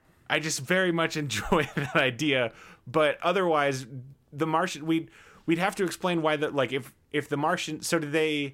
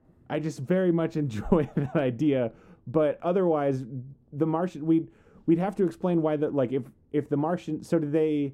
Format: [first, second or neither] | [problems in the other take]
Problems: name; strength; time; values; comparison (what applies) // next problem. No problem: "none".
first | muffled; slightly; fading above 1 kHz